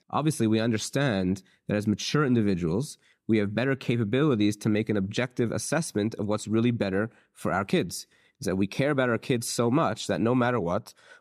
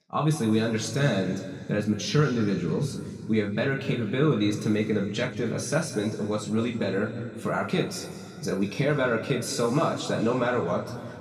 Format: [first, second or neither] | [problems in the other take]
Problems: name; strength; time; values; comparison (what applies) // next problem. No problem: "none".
first | room echo; slight; dies away in 2 s // off-mic speech; somewhat distant